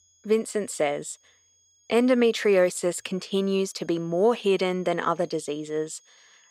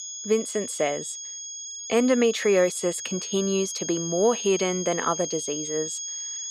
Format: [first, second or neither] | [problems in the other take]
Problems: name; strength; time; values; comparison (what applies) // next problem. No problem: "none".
first | high-pitched whine; loud; throughout; 6.5 kHz, 6 dB below the speech; faint in the first